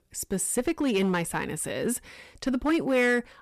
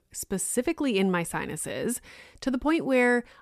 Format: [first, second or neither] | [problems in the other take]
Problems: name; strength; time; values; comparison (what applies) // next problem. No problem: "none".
second | distortion; slight; 4% of the sound clipped